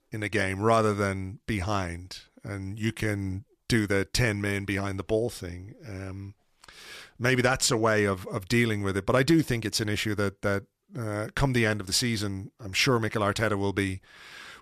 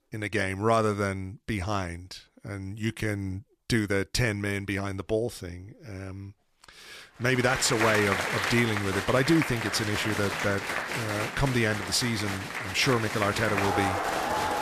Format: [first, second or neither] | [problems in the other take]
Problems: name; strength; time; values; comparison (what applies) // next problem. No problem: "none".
first | crowd noise; loud; from 7.5 s on; 3 dB below the speech